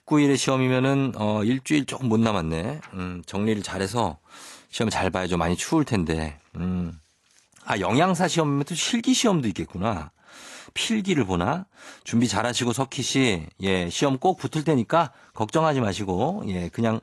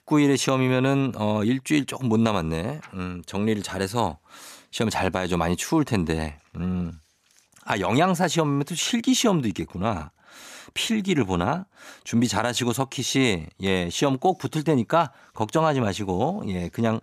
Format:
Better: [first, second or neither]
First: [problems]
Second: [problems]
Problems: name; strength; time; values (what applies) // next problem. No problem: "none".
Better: second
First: garbled, watery; slightly; nothing above 11.5 kHz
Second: none